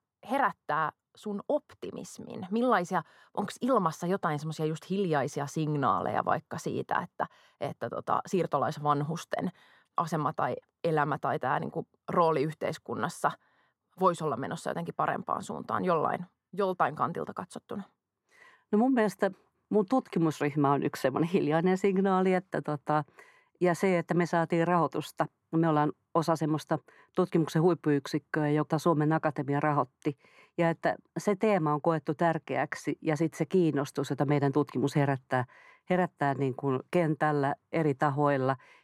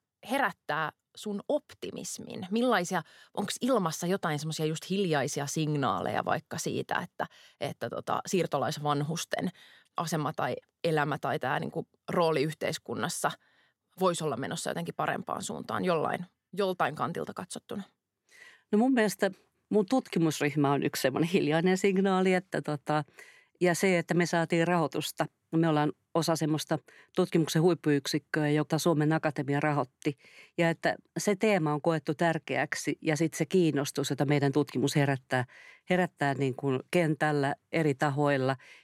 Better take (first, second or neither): second